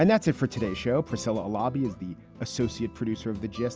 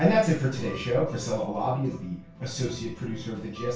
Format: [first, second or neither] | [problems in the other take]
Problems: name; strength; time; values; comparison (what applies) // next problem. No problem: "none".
first | room echo; dies away in 0.3 s